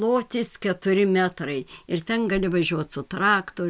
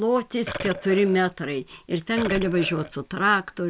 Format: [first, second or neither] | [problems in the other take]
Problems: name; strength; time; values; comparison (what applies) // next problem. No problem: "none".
first | background sound (Burping, eructation); 11 dB below the speech